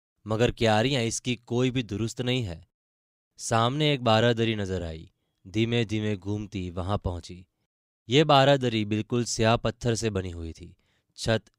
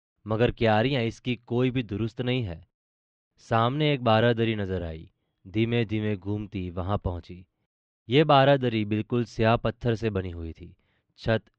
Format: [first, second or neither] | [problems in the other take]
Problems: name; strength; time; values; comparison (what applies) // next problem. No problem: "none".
first | muffled; slightly; fading above 3 kHz